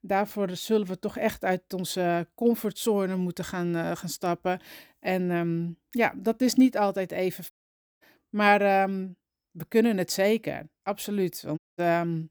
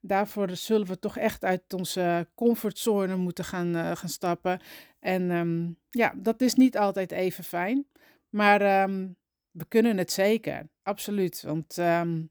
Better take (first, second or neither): second